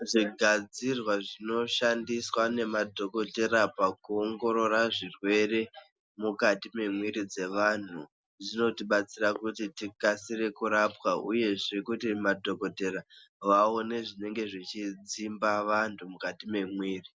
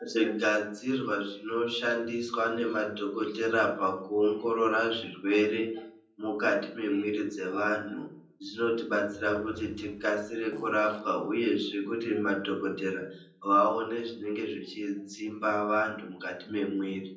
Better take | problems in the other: first | background sound (Fart / Drawer open or close); 20 dB below the speech // room echo; dies away in 0.6 s

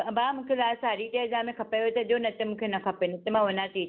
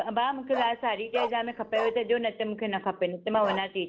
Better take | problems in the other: first | background sound (Bark); 11 dB below the speech

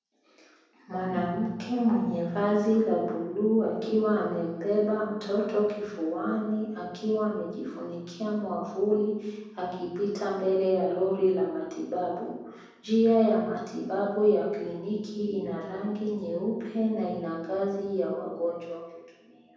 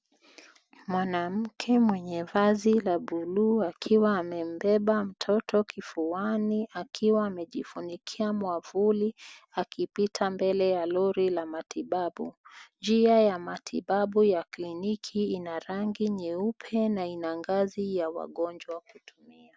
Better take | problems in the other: second | background sound (Organ); 15 dB below the speech // room echo; dies away in 1.1 s

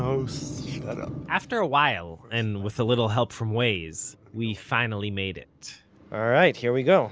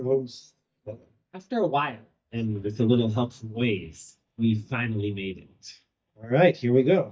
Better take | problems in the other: first | noise reduction (neural mask model DeepFilterNet 3)

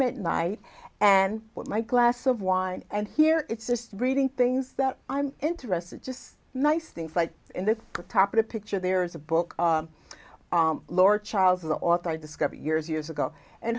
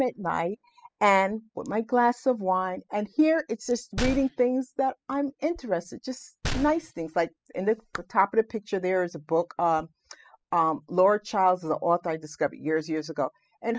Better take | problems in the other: first | noise reduction (classical method spectral subtraction)

